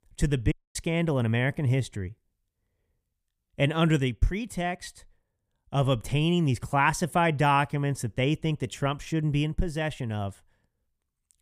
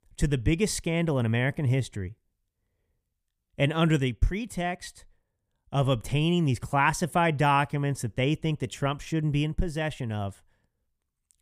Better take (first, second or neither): second